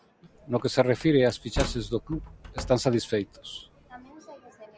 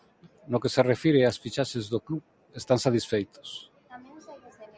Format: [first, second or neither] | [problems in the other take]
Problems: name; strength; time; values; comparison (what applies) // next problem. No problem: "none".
second | background sound (Slam); 11 dB below the speech